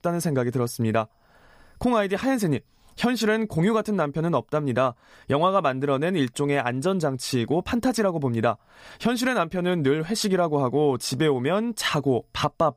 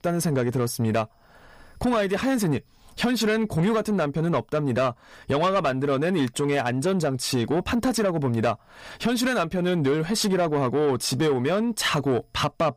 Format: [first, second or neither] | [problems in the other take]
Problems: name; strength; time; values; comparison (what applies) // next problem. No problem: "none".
first | distortion; slight; 10 dB below the speech